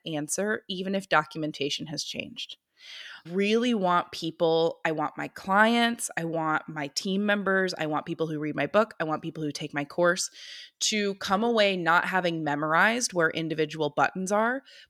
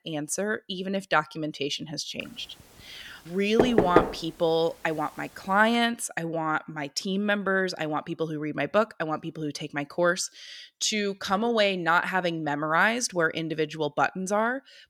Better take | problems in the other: first | door banging; loud; at 3.5 s; peak 4 dB above the speech

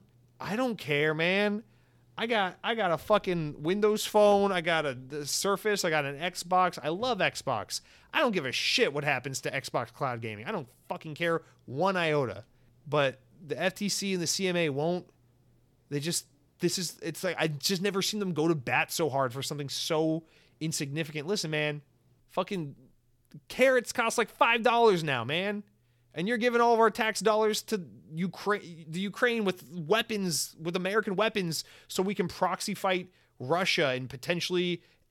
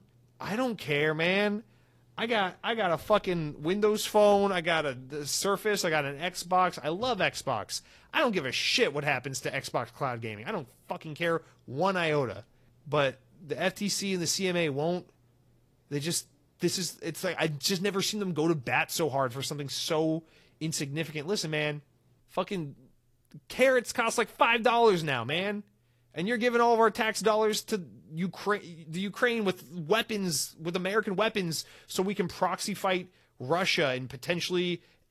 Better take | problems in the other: first | garbled, watery; slightly

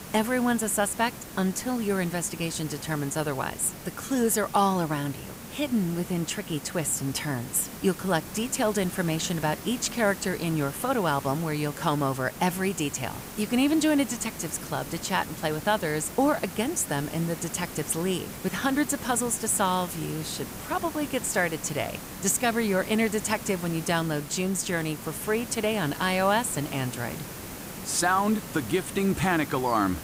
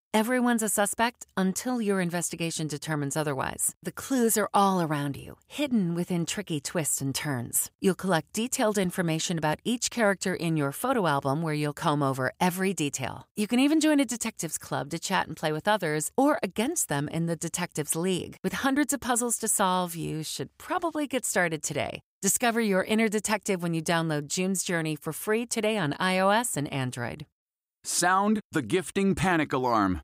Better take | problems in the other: second | hiss; noticeable; throughout; 10 dB below the speech

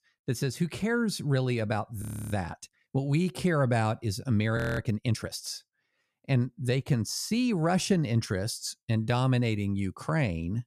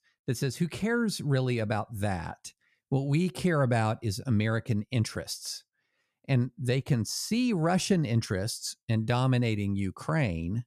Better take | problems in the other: second | audio freezing; at 2 s and at 4.5 s

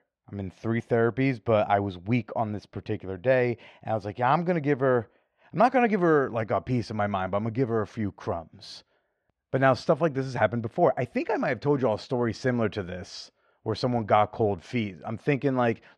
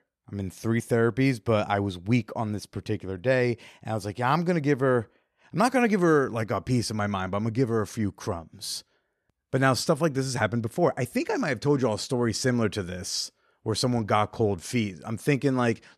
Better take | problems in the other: second | muffled; slightly; fading above 3 kHz

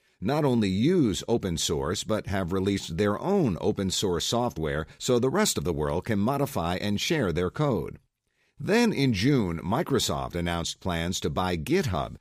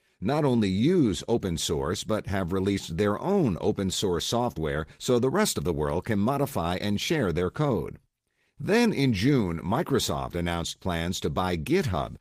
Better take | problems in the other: first | garbled, watery; slightly; nothing above 15 kHz

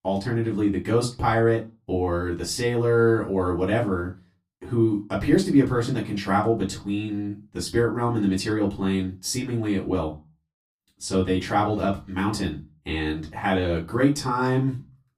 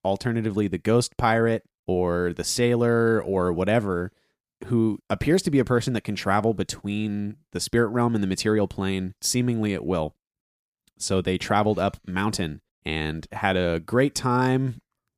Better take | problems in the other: second | off-mic speech; far // room echo; very slight; dies away in 0.2 s

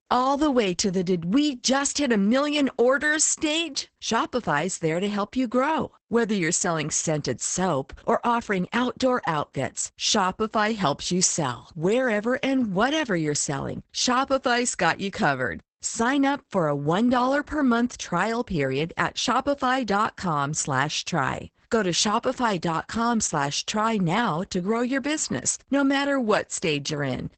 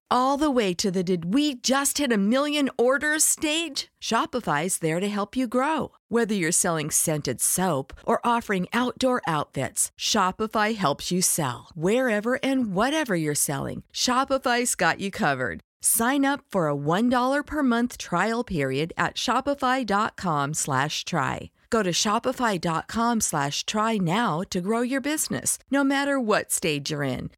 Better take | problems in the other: second | garbled, watery; badly; nothing above 8 kHz

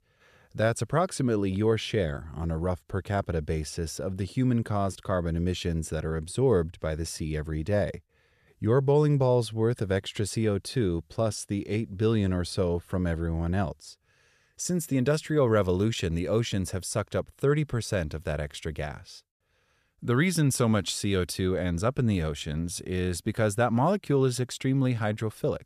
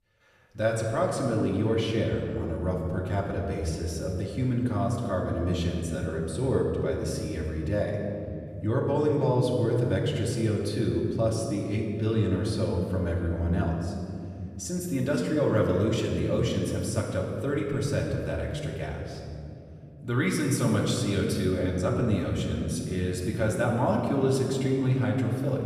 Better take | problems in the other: first | room echo; noticeable; dies away in 2.7 s // off-mic speech; far

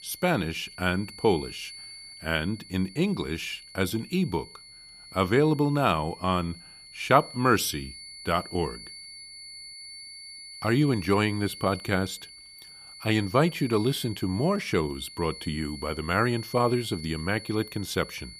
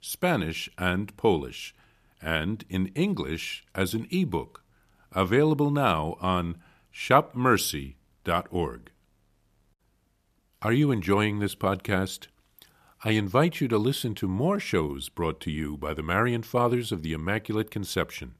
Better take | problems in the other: second | high-pitched whine; noticeable; throughout; 4.5 kHz, 15 dB below the speech

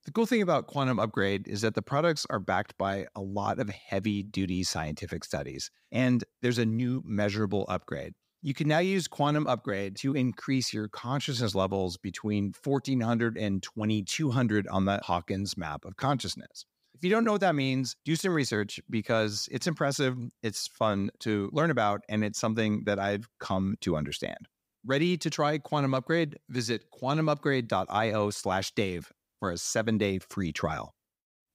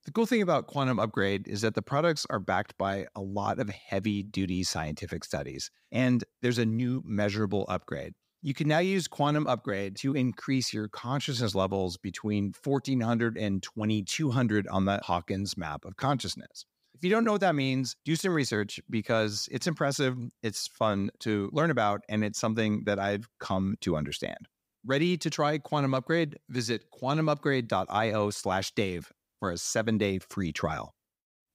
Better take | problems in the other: neither | none

